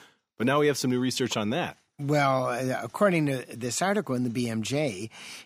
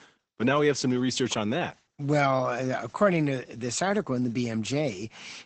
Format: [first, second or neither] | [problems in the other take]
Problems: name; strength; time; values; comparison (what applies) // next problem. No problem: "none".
first | garbled, watery; badly; nothing above 8 kHz